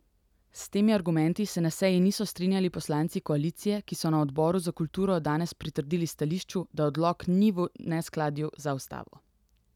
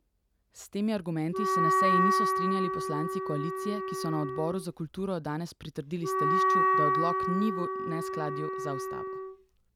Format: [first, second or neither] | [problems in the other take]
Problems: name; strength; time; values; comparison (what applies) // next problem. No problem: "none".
first | background sound (Wind instrument, woodwind instrument); 4 dB above the speech